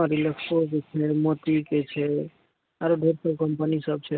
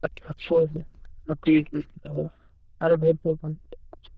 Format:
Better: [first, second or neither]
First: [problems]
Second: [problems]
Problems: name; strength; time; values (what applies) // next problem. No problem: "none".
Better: first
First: none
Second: noise reduction (neural diffusion model UNIVERSE++)